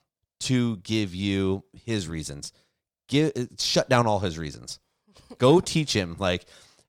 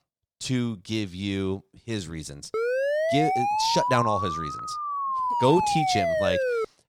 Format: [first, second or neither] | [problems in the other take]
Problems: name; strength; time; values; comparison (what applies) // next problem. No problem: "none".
first | siren; loud; from 2.5 s on; peak 3 dB above the speech